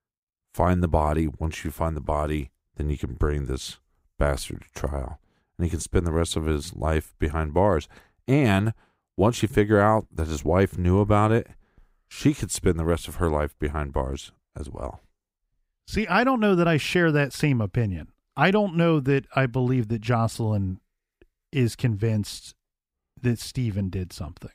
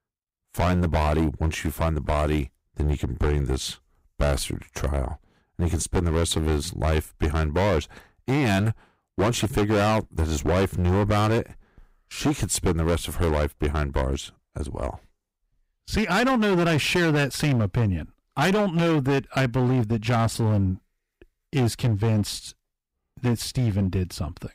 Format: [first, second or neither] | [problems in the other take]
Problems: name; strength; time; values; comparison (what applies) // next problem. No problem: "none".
first | distortion; heavy; 15% of the sound clipped